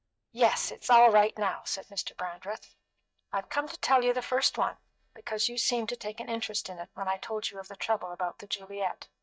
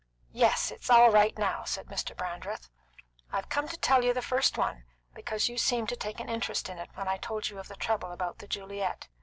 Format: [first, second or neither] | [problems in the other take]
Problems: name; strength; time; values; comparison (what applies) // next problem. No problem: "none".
second | noise reduction (neural mask model DeepFilterNet 3)